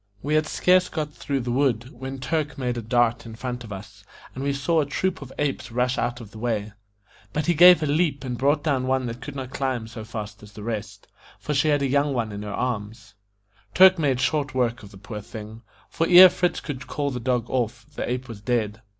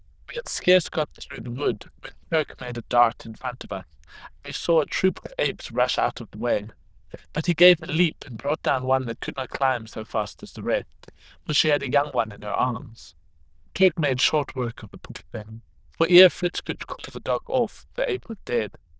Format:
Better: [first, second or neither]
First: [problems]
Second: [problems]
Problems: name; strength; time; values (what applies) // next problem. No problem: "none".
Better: first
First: none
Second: noise reduction (neural diffusion model UNIVERSE++)